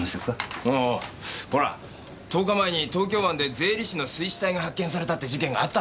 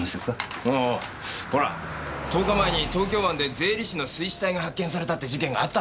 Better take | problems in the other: first | background sound (Car passing by); 10 dB below the speech

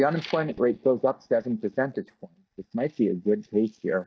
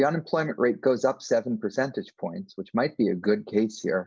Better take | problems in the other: second | noise reduction (neural mask model DeepFilterNet 3)

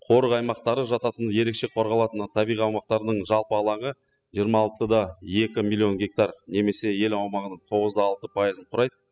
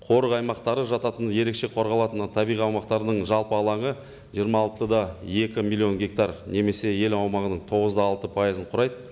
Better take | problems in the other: second | noise reduction (classical method spectral subtraction)

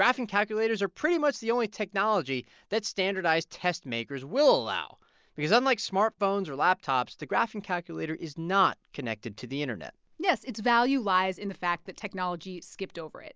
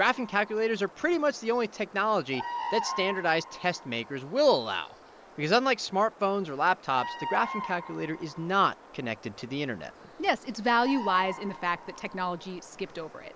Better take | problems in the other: first | background sound (Bird vocalization, bird call, bird song); 12 dB below the speech

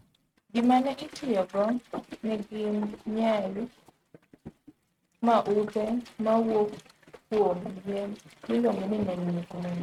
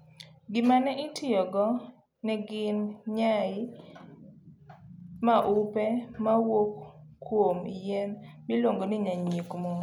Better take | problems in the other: second | noise reduction (neural mask model RNNoise)

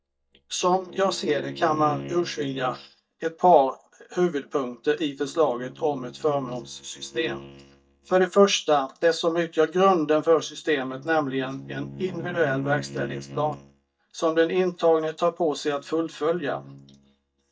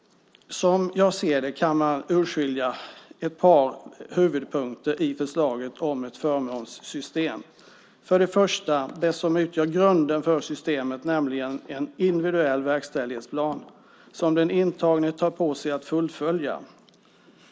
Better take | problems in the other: second | noise reduction (neural mask model DeepFilterNet 3)

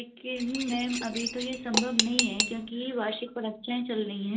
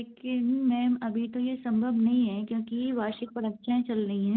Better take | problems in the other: second | background sound (Cutlery, silverware / Dishes, pots, and pans); as loud as the speech // room echo; dies away in 0.2 s

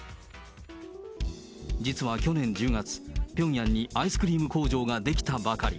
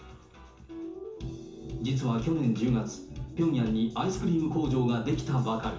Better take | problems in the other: first | room echo; dies away in 0.7 s

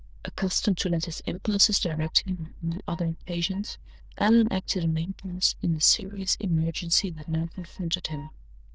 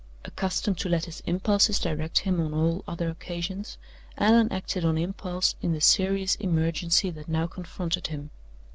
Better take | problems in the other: second | noise reduction (neural diffusion model UNIVERSE++)

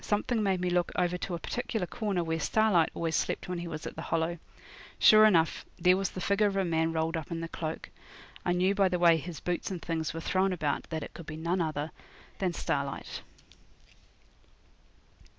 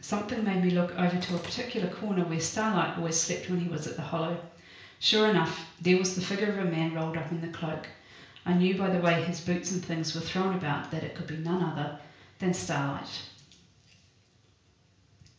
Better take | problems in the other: first | background sound (Gunshot, gunfire); 18 dB below the speech // room echo; dies away in 0.5 s

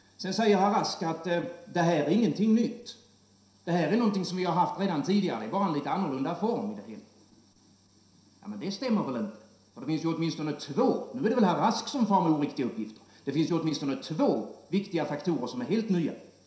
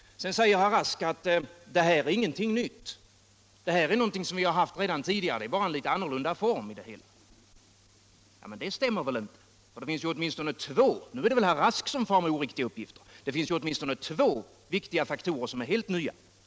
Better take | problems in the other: second | room echo; dies away in 0.7 s

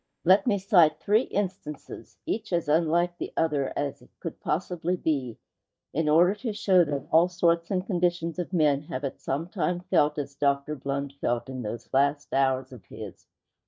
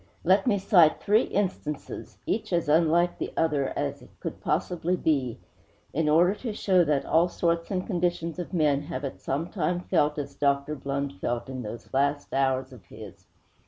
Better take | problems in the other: second | noise reduction (neural mask model DeepFilterNet 3)

